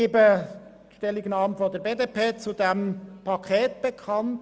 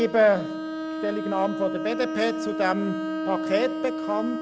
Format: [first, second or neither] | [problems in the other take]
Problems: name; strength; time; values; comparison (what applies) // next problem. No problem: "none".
first | background sound (Bowed string instrument); 4 dB below the speech